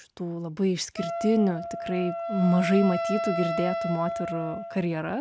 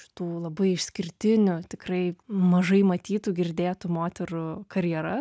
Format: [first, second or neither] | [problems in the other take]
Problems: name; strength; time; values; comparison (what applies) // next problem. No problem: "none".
second | background sound (Wind instrument, woodwind instrument); 5 dB below the speech